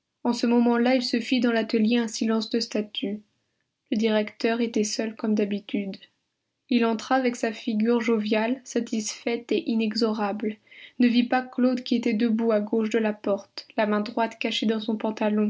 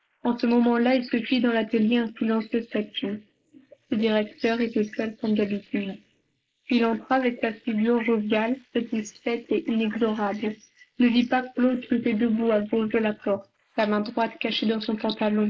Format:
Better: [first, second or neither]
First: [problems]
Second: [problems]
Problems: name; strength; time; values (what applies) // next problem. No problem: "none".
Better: first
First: none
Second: noise reduction (neural mask model Resemble Enhance denoiser)